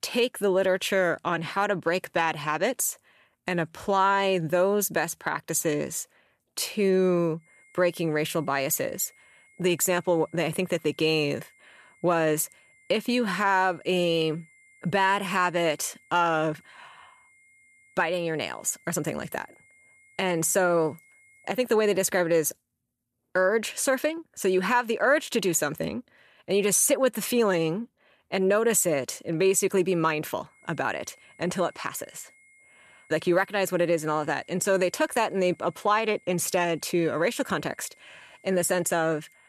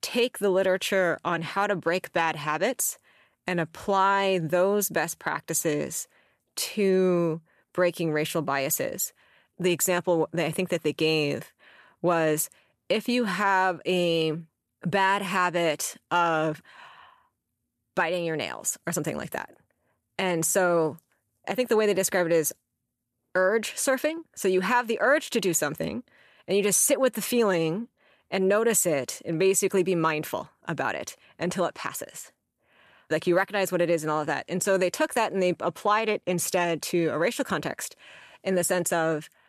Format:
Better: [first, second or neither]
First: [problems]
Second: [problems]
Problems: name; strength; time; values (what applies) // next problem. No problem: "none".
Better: second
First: high-pitched whine; faint; from 7.5 to 22 s and from 31 s on; 2 kHz, 30 dB below the speech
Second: none